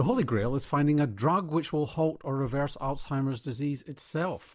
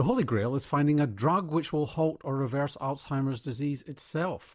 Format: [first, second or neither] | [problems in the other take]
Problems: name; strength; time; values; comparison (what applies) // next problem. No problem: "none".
second | background sound (Respiratory sounds); 17 dB below the speech